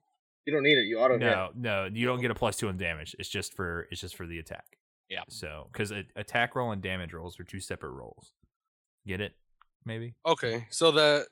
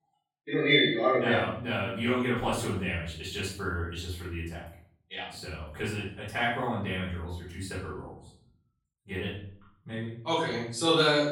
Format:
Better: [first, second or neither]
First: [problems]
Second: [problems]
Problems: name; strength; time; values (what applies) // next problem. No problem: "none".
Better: first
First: none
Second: off-mic speech; far // room echo; noticeable; dies away in 0.5 s